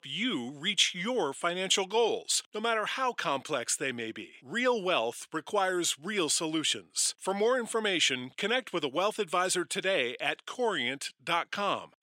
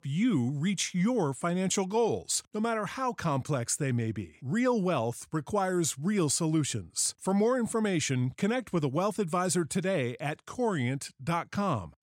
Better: second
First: thin; somewhat; fading below 400 Hz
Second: none

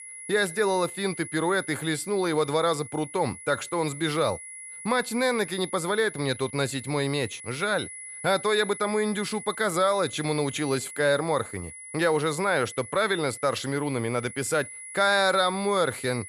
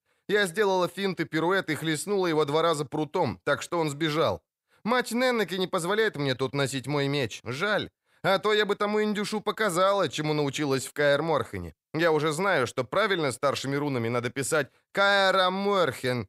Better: second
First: high-pitched whine; noticeable; throughout; 10.5 kHz, 15 dB below the speech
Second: none

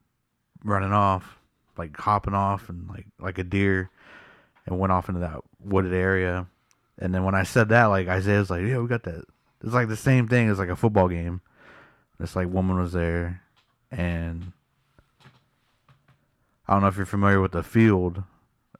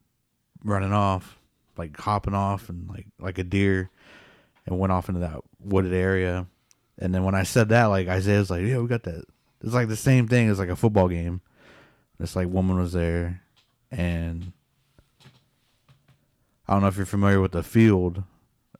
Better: second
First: muffled; very slightly; fading above 3 kHz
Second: none

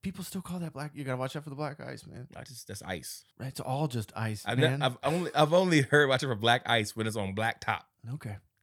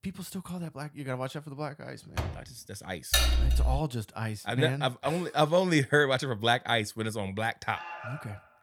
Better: first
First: none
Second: door banging; noticeable; at 2 s; peak 7 dB below the speech // clattering dishes; loud; at 3 s; peak 5 dB above the speech // alarm; faint; at 7.5 s; peak 10 dB below the speech

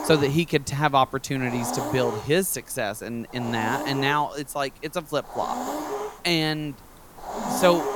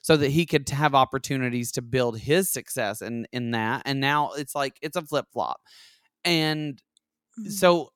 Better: second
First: hiss; loud; throughout; 7 dB below the speech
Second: none

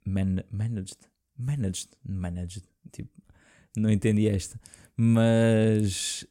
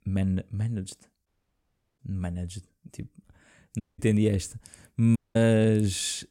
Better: first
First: none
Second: audio cutting out; at 1.5 s for 0.5 s, at 4 s and at 5 s

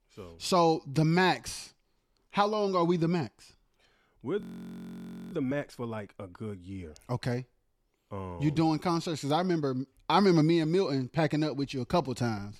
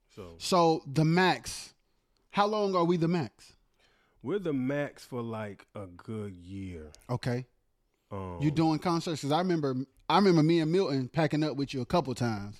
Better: second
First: audio freezing; at 4.5 s for 1 s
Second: none

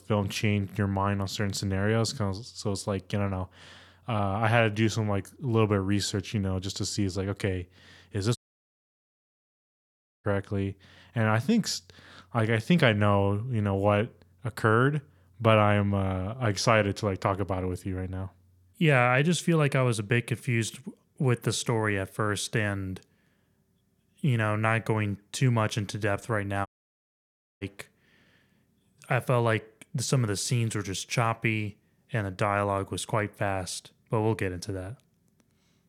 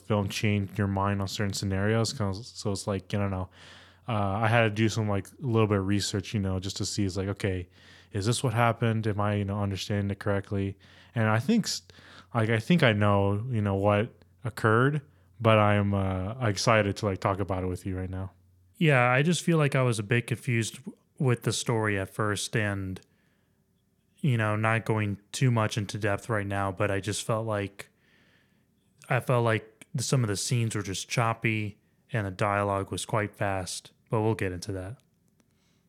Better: second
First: audio cutting out; at 8.5 s for 2 s and at 27 s for 1 s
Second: none

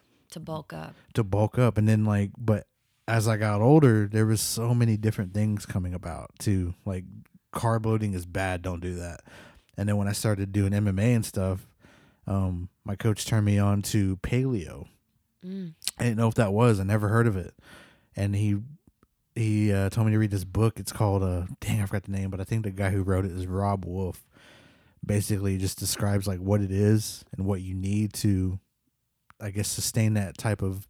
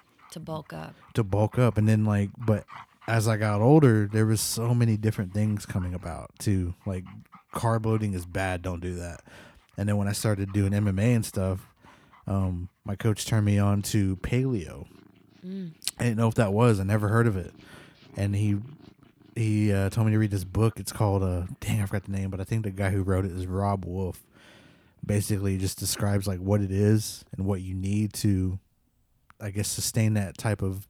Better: first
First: none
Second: animal sounds; faint; throughout; 30 dB below the speech

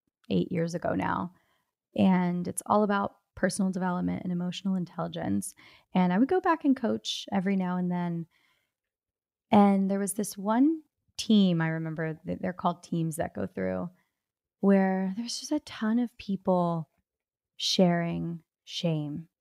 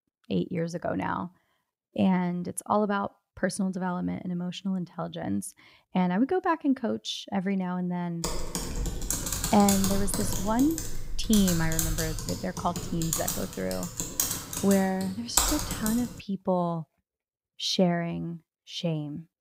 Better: first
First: none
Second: keyboard typing; loud; from 8 to 16 s; peak 5 dB above the speech

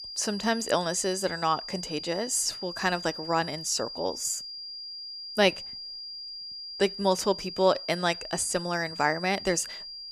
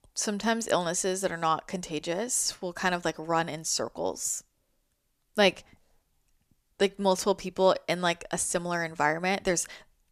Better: second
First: high-pitched whine; loud; throughout; 5 kHz, 9 dB below the speech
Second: none

